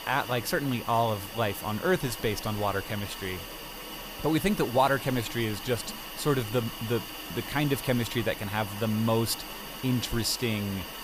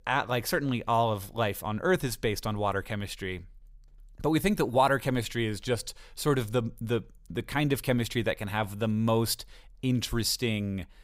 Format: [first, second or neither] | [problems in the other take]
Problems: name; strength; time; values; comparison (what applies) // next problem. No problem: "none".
second | hiss; loud; throughout; 9 dB below the speech